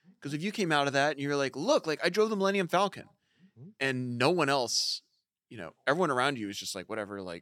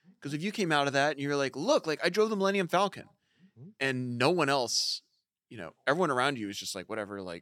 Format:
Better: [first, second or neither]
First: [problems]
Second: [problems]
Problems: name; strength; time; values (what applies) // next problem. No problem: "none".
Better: neither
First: none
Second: none